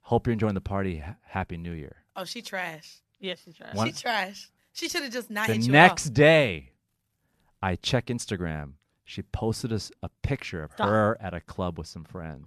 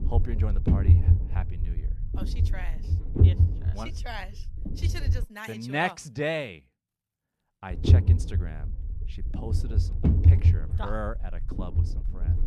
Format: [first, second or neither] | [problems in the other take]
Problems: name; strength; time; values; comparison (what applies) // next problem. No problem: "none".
first | low rumble; loud; until 5 s and from 7.5 s on; 4 dB below the speech